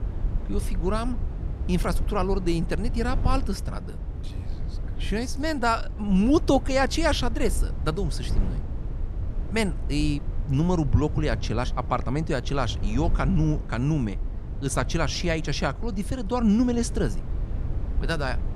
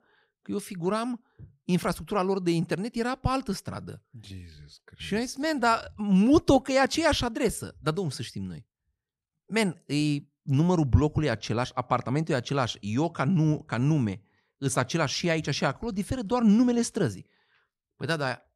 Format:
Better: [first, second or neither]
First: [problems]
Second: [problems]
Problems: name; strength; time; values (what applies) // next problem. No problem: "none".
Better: second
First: wind noise on the microphone; occasional gusts; 15 dB below the speech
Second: none